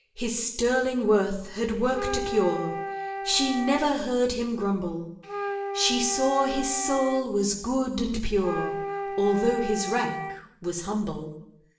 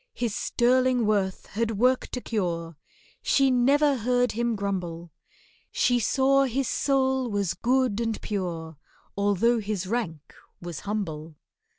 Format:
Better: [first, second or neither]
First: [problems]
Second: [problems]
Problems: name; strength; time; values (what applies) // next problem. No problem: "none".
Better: second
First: background sound (Wind instrument, woodwind instrument); 7 dB below the speech // room echo; dies away in 0.7 s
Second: none